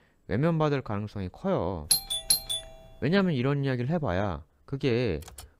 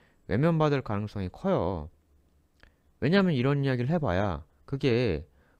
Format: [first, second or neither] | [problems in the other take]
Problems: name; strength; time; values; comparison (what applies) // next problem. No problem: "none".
second | doorbell; loud; at 2 s; peak 4 dB above the speech // keyboard typing; very faint; at 5 s; peak 20 dB below the speech